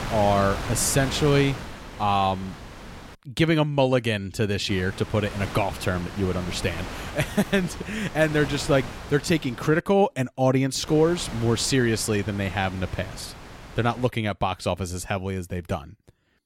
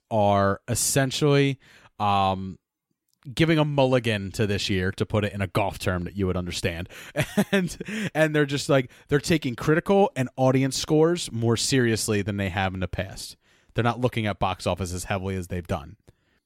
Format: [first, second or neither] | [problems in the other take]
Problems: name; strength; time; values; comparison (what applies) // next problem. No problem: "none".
second | wind noise on the microphone; occasional gusts; until 3 s, from 4.5 to 10 s and from 11 to 14 s; 10 dB below the speech